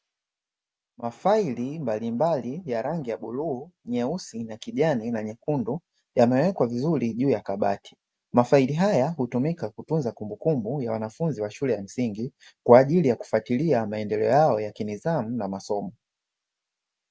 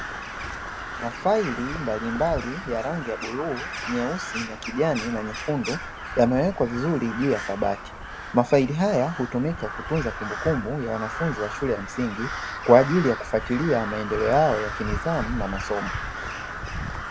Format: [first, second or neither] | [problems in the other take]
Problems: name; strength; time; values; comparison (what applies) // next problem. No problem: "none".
first | background sound (Crow); 8 dB below the speech